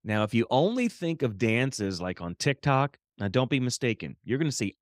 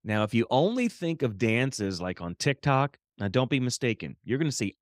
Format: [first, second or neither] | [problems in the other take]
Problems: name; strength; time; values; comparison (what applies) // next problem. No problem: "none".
neither | none